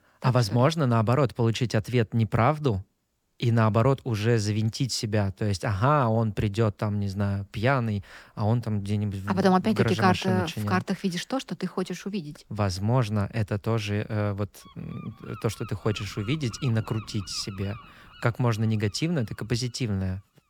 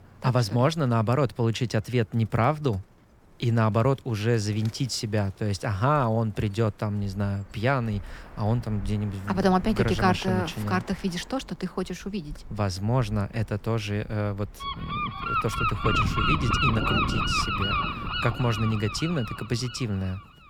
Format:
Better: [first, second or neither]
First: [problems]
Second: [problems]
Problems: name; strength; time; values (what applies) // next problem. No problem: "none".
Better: first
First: animal sounds; faint; throughout; 25 dB below the speech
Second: animal sounds; loud; throughout; 2 dB below the speech